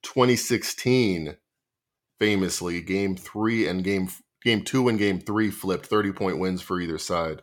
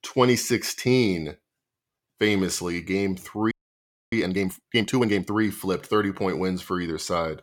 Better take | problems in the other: first | audio freezing; at 3.5 s for 0.5 s

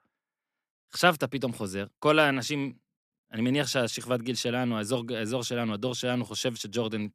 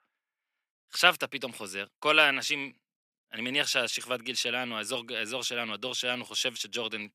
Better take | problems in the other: first | thin; somewhat; fading below 850 Hz

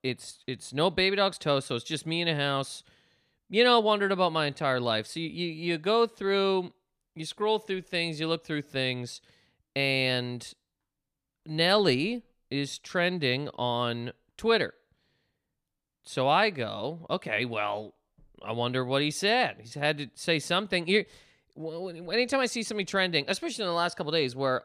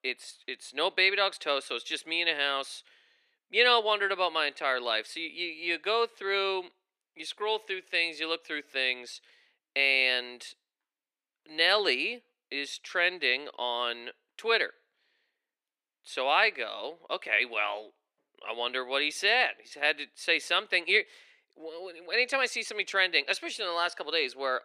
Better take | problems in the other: first | thin; very; fading below 350 Hz

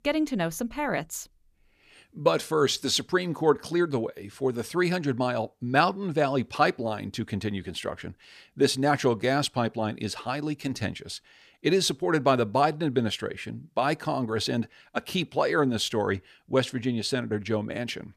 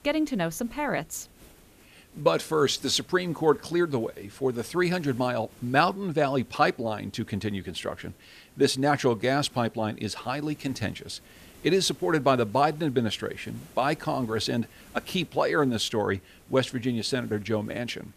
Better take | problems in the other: first | hiss; faint; throughout; 25 dB below the speech

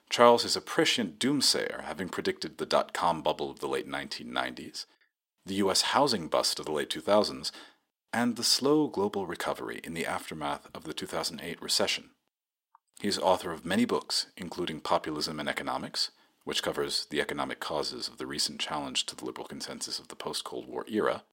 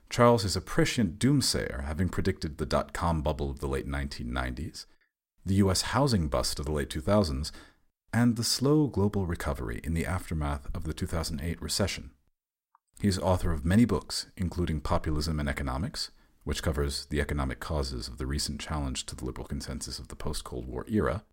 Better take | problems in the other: second | thin; somewhat; fading below 350 Hz

